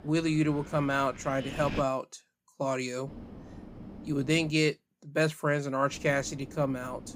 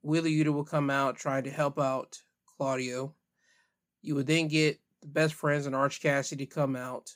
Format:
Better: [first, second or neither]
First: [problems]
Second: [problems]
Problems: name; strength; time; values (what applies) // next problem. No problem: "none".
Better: second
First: wind noise on the microphone; occasional gusts; until 2 s, from 3 to 4.5 s and from 6 s on; 15 dB below the speech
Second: none